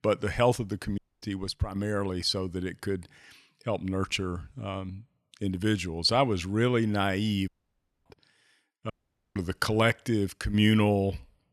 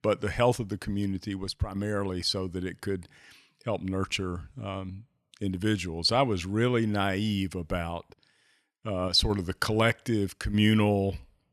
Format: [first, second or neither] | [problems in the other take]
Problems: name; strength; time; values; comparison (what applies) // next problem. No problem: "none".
second | audio cutting out; at 1 s, at 7.5 s for 0.5 s and at 9 s